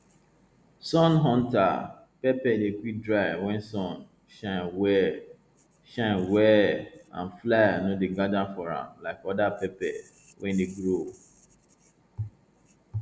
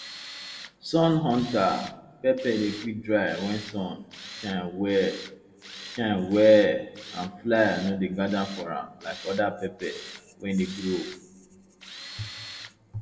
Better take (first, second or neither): first